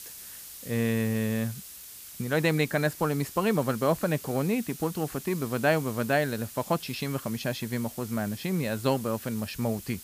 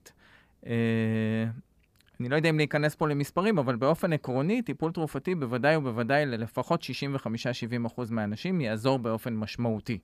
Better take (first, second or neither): second